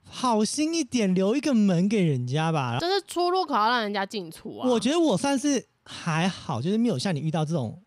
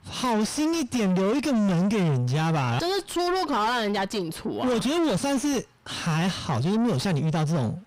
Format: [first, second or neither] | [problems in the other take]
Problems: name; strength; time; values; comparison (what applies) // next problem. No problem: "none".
first | distortion; heavy; 7 dB below the speech